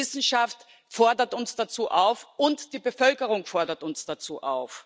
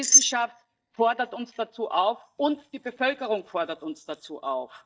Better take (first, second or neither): first